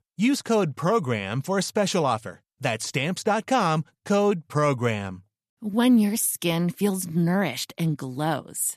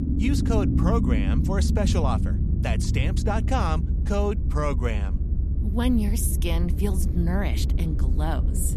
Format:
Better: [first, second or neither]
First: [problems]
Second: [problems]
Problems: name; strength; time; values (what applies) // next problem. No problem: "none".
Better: first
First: none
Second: low rumble; loud; throughout; 6 dB below the speech